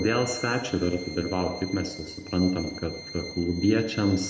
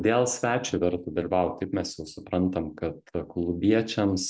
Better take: second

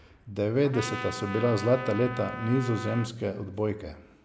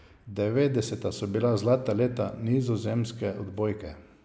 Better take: second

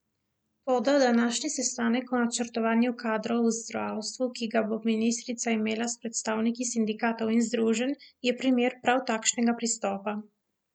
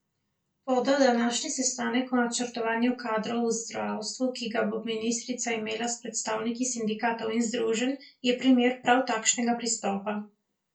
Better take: first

